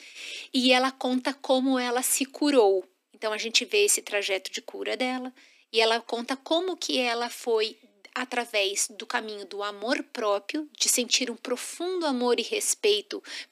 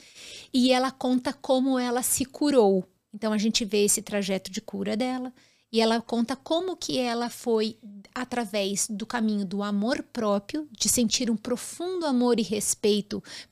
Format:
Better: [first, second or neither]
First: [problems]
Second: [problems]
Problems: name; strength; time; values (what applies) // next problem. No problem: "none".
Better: second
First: thin; very slightly; fading below 250 Hz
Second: none